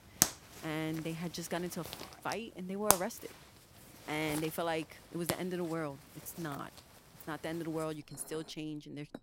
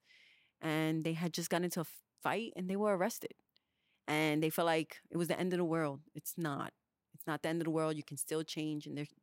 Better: second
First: household noises; very loud; throughout; 4 dB above the speech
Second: none

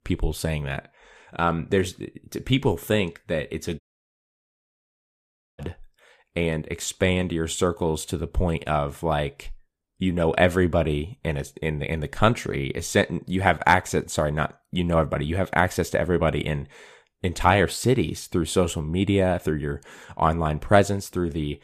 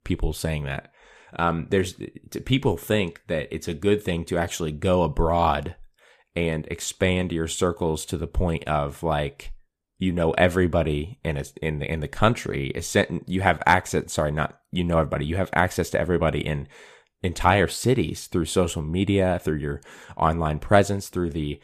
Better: second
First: audio cutting out; at 4 s for 2 s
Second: none

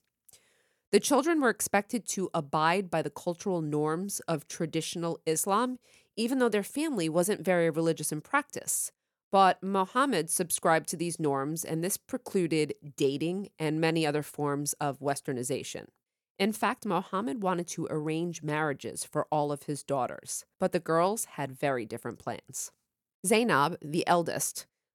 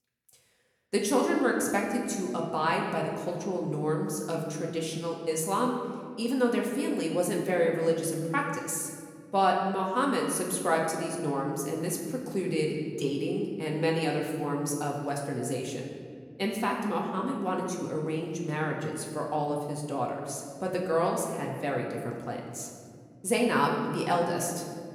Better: first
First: none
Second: room echo; noticeable; dies away in 2 s // off-mic speech; somewhat distant

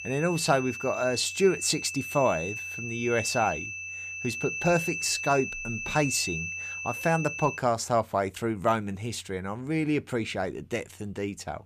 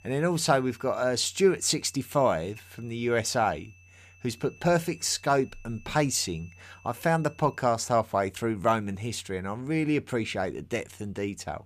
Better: second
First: high-pitched whine; loud; until 7.5 s; 2.5 kHz, 5 dB below the speech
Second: high-pitched whine; faint; until 7.5 s; 2.5 kHz, 25 dB below the speech

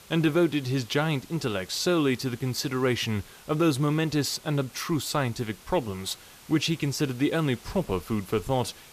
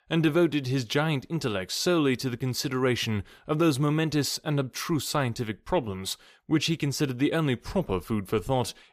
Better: second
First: hiss; faint; throughout; 20 dB below the speech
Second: none

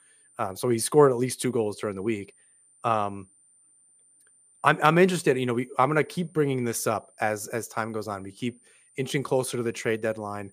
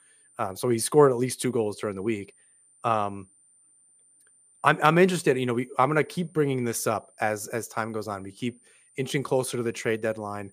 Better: neither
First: high-pitched whine; faint; throughout; 9 kHz, 30 dB below the speech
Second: high-pitched whine; faint; throughout; 9 kHz, 30 dB below the speech

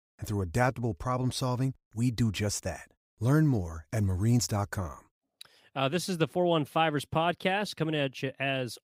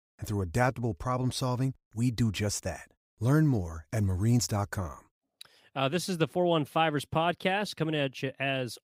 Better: neither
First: none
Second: none

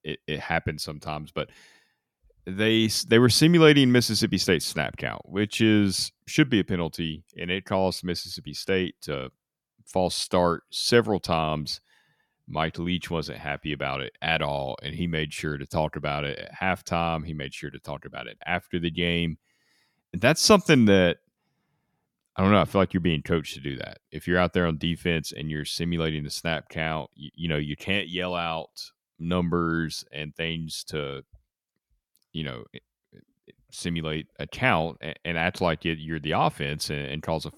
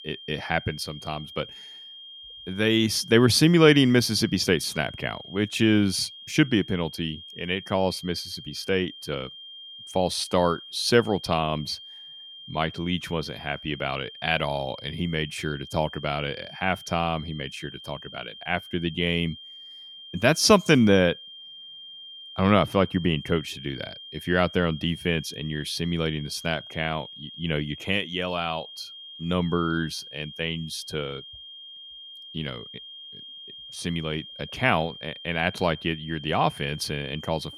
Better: first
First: none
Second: high-pitched whine; noticeable; throughout; 3 kHz, 15 dB below the speech

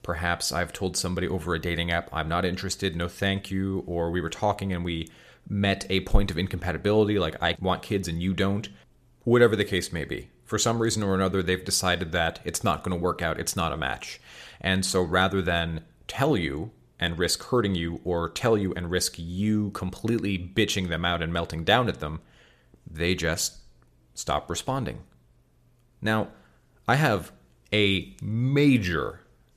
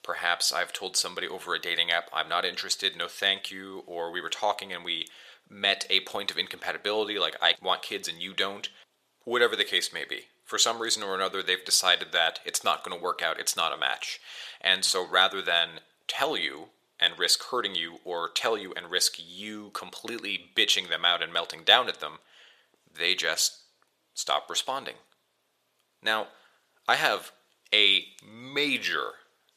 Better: first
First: none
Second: thin; very; fading below 650 Hz

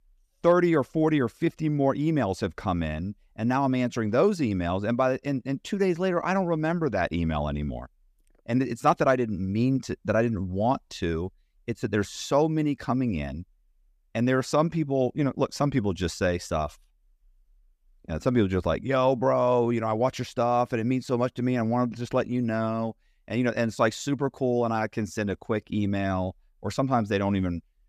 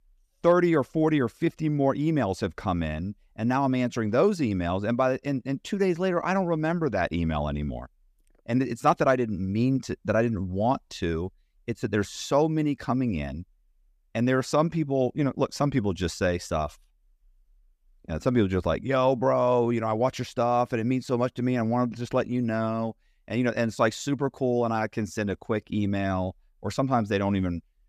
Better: neither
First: none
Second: none

